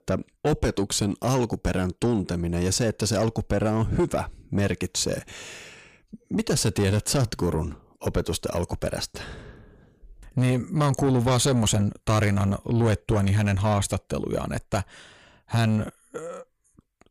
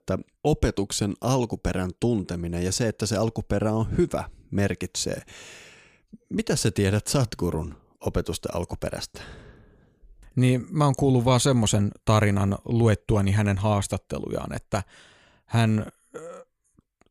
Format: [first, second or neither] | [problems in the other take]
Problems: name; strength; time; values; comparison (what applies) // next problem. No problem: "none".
second | distortion; slight; 10 dB below the speech